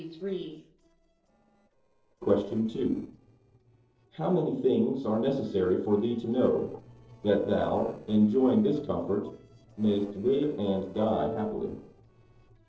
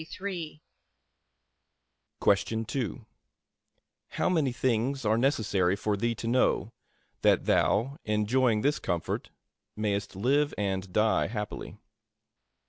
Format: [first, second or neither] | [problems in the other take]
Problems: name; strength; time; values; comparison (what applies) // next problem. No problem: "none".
second | noise reduction (neural separator model SepFormer DNS4)